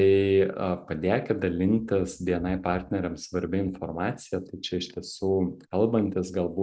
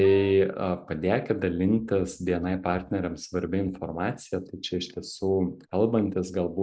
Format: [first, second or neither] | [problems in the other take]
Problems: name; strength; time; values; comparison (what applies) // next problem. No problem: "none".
first | noise reduction (neural mask model Resemble Enhance denoiser)